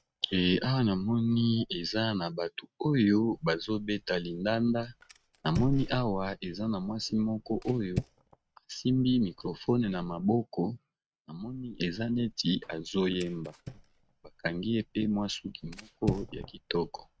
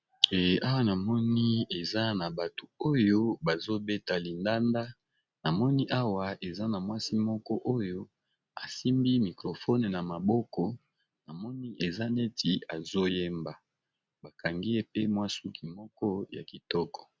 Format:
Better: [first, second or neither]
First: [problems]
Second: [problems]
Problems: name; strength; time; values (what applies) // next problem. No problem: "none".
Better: second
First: noise reduction (neural mask model RNNoise)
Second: none